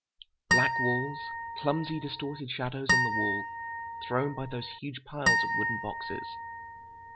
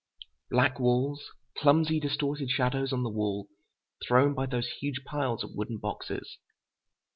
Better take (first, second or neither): second